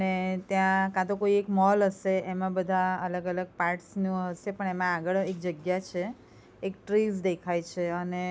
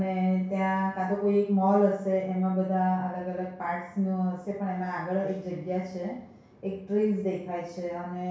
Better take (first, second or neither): first